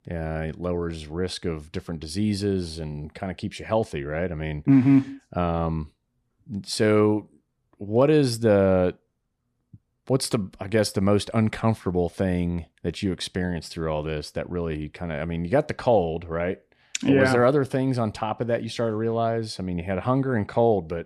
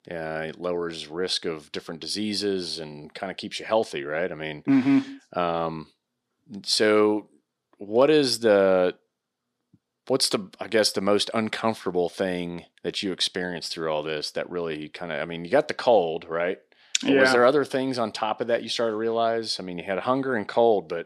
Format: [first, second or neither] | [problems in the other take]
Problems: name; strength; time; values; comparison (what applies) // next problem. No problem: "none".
first | thin; very slightly; fading below 300 Hz